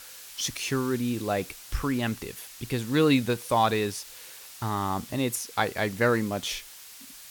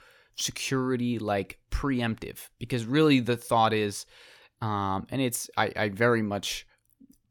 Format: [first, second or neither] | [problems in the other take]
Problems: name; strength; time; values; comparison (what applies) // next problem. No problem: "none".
second | hiss; noticeable; throughout; 15 dB below the speech